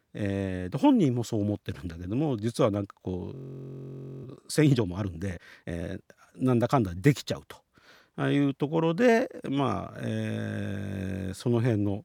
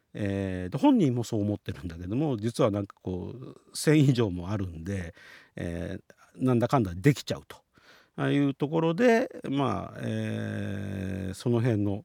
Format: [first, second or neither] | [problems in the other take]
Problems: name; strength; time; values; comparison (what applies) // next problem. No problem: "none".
second | audio freezing; at 3.5 s for 1 s